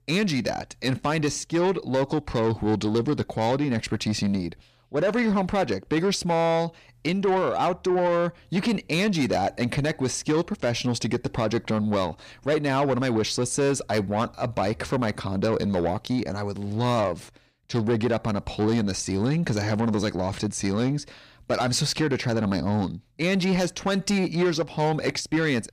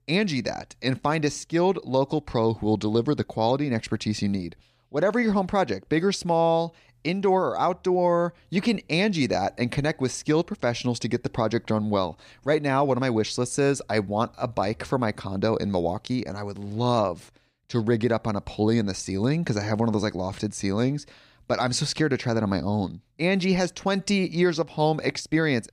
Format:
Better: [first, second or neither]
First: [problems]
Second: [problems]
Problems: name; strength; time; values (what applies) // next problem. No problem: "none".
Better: second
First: distortion; slight; 10 dB below the speech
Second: none